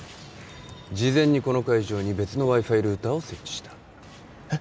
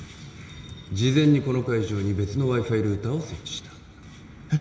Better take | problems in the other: first | room echo; dies away in 1.4 s

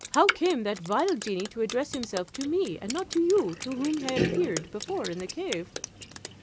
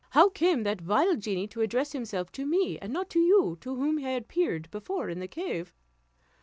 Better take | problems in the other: second | background sound (Drip); 7 dB below the speech

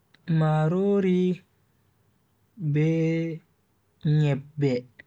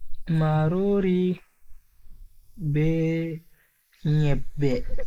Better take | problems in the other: first | noise reduction (neural mask model Resemble Enhance denoiser)

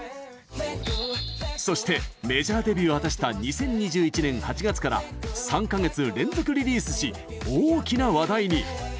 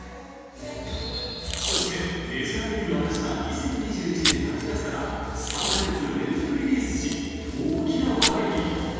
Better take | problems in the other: first | background sound (Packing tape, duct tape); 6 dB below the speech // room echo; dies away in 2.1 s

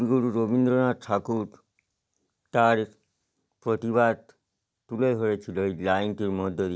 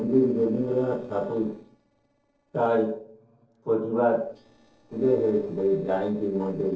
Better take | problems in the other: first | noise reduction (neural separator model SepFormer DNS4)

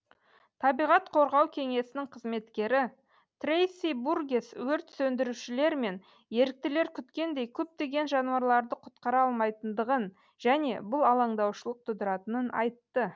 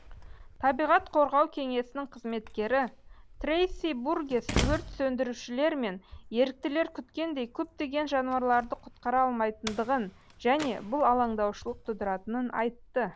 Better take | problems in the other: first | background sound (Slam); 12 dB below the speech

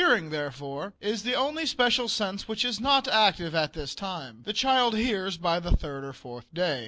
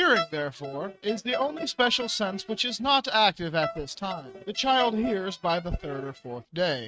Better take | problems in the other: first | noise reduction (neural mask model RNNoise)

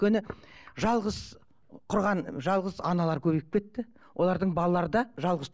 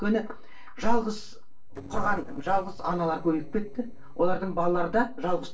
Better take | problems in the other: first | noise reduction (neural separator model SepFormer DNS4)

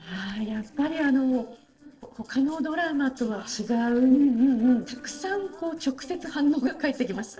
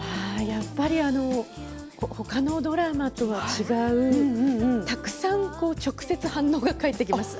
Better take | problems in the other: second | noise reduction (neural separator model SepFormer DNS4)

